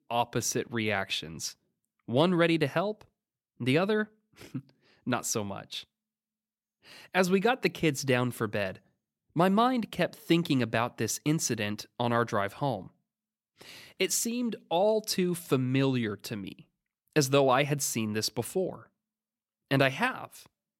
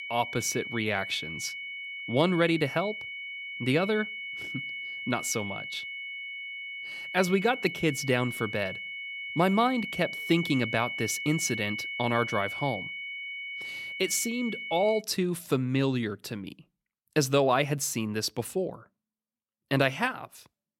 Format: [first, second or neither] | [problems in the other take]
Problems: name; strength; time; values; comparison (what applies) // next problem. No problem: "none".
first | high-pitched whine; loud; until 15 s; 2 kHz, 6 dB below the speech